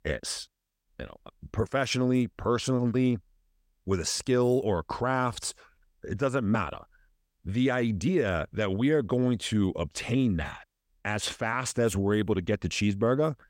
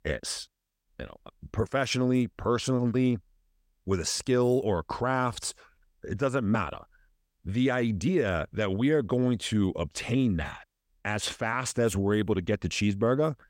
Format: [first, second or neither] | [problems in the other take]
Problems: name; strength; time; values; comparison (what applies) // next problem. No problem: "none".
neither | none